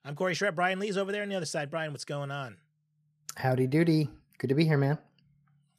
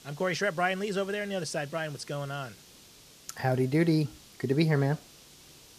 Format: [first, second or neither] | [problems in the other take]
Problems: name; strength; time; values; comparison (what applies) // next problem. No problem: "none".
first | hiss; faint; throughout; 20 dB below the speech